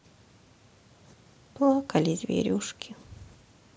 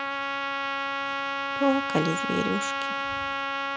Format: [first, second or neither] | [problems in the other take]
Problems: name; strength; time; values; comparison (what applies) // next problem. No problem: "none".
first | background sound (Trumpet); 2 dB above the speech